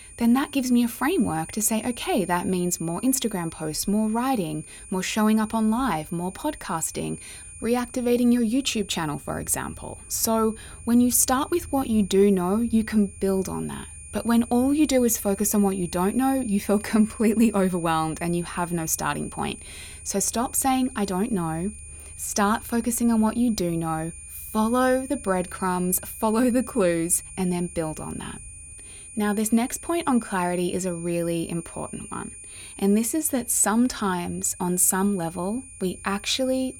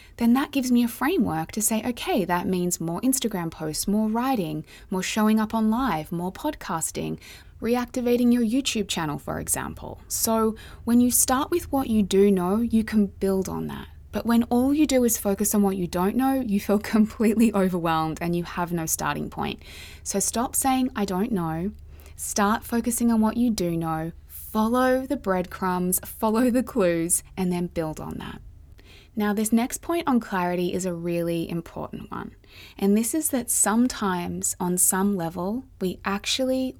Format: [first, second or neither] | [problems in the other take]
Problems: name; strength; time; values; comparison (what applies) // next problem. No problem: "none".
second | high-pitched whine; noticeable; throughout; 9.5 kHz, 15 dB below the speech